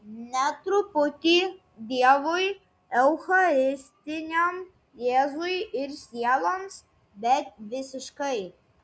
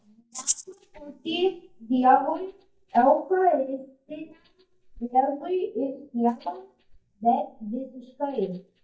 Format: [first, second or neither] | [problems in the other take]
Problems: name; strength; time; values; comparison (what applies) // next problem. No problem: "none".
first | noise reduction (neural mask model DeepFilterNet 3)